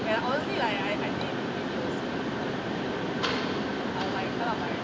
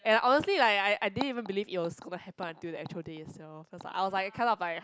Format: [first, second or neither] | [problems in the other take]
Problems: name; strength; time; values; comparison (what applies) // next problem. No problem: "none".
second | background sound (Mechanisms); 5 dB above the speech // room echo; dies away in 0.6 s